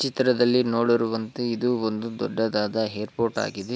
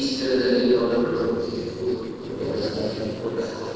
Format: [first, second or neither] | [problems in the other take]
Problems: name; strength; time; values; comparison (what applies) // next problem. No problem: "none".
first | noise reduction (neural separator model SepFormer DNS4)